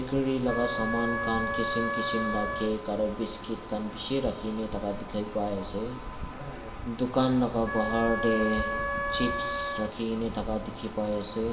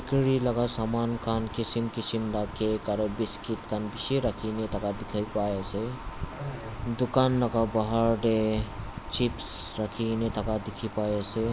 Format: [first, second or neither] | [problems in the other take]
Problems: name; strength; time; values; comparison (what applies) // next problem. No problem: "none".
second | background sound (Wind instrument, woodwind instrument); 2 dB below the speech // room echo; dies away in 2.1 s